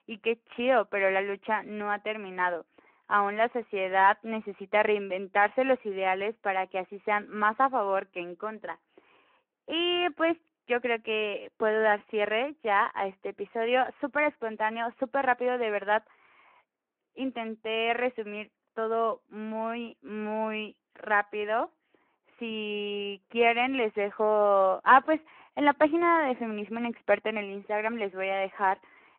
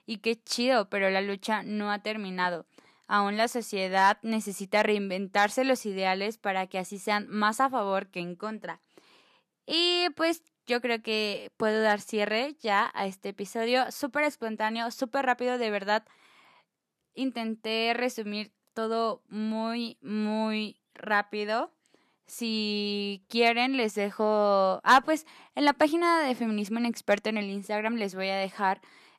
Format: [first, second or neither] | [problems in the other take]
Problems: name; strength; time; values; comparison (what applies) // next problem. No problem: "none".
second | phone-call audio